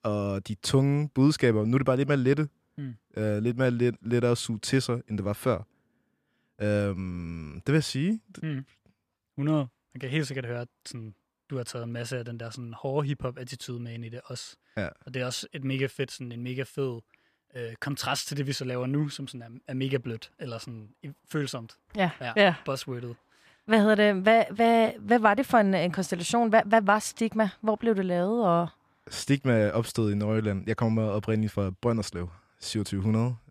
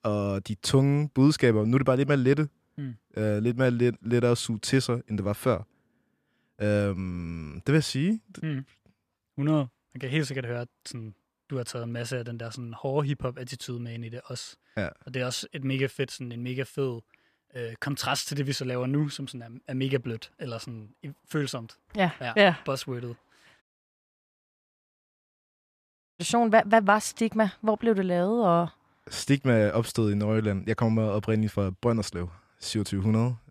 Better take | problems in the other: first | audio cutting out; at 24 s for 2.5 s

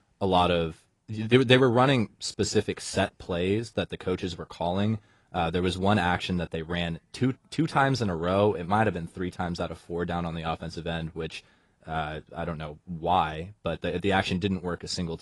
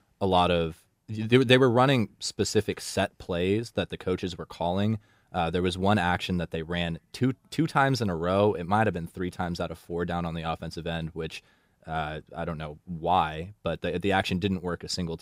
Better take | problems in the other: second | garbled, watery; slightly; nothing above 10.5 kHz

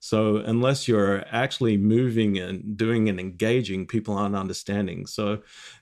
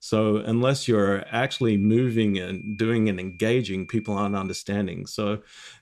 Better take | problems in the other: first | high-pitched whine; noticeable; from 1.5 to 4.5 s; 2.5 kHz, 20 dB below the speech

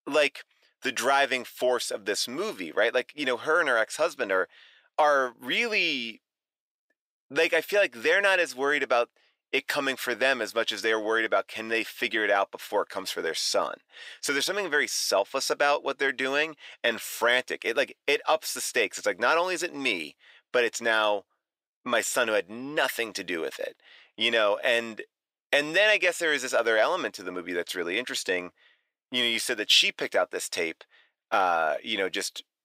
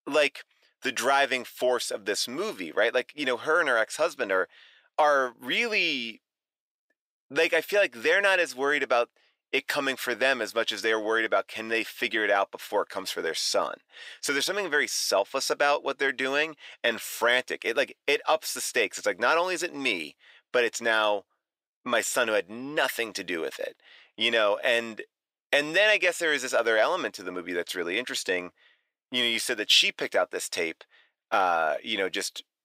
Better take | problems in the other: neither | thin; somewhat; fading below 550 Hz; the same in both

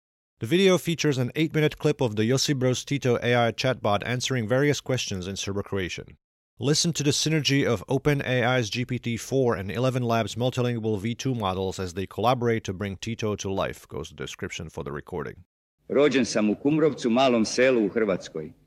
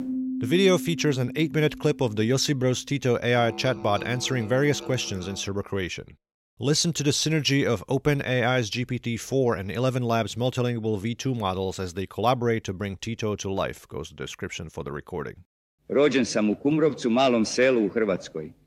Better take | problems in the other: first | background music; noticeable; until 5.5 s; 10 dB below the speech

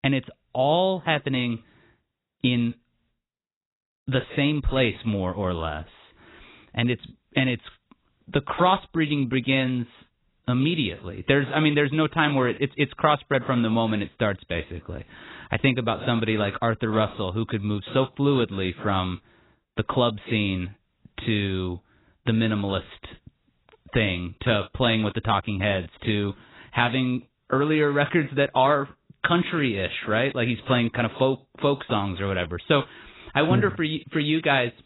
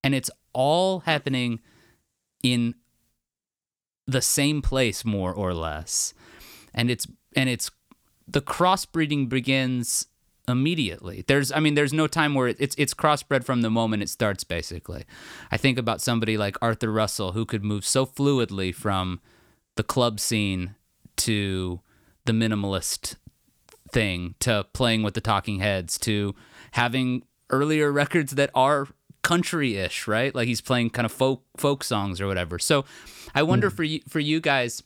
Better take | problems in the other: second | garbled, watery; badly; nothing above 4 kHz

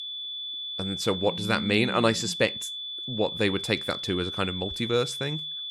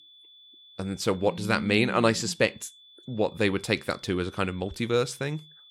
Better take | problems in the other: second | high-pitched whine; loud; throughout; 3.5 kHz, 5 dB below the speech; faint in the second

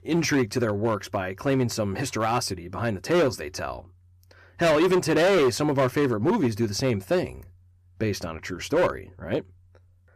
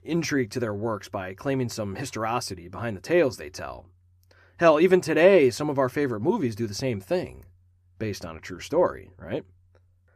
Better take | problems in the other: second | distortion; heavy; 8% of the sound clipped

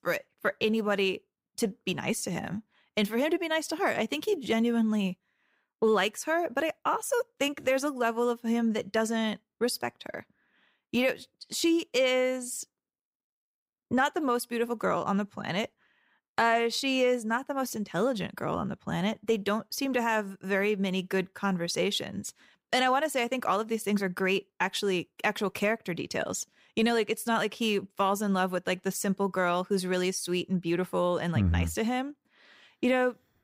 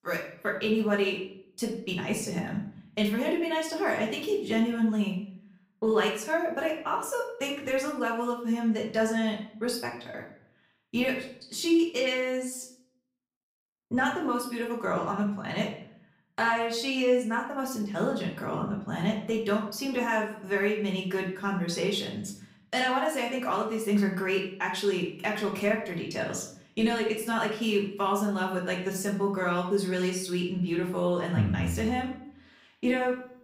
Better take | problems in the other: first | room echo; slight; dies away in 0.6 s // off-mic speech; far

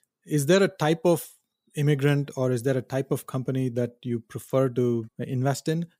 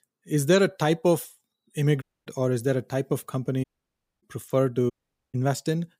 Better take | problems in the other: first | audio cutting out; at 2 s, at 3.5 s for 0.5 s and at 5 s

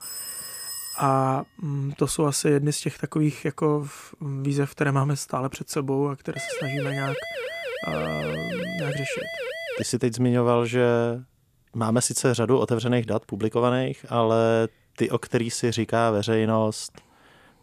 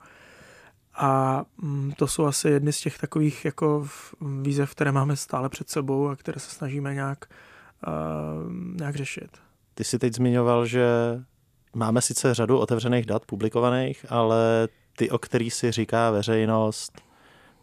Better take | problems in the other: second | phone ringing; noticeable; until 1 s; peak 6 dB below the speech // siren; noticeable; from 6.5 to 10 s; peak 6 dB below the speech

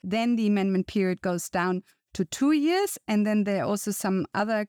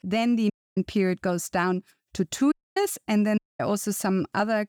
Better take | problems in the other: first | audio cutting out; at 0.5 s, at 2.5 s and at 3.5 s

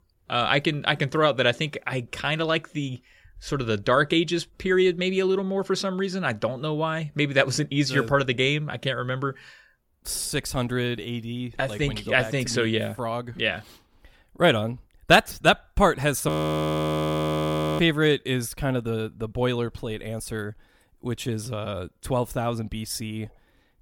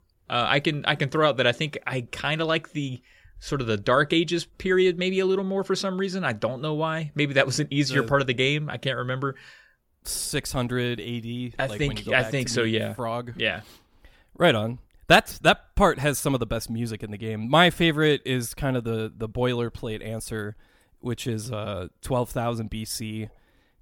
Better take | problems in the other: second | audio freezing; at 16 s for 1.5 s

